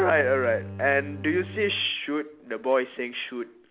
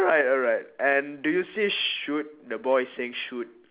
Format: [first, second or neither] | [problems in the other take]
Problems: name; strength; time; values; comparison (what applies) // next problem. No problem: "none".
second | background sound (Bowed string instrument); 14 dB below the speech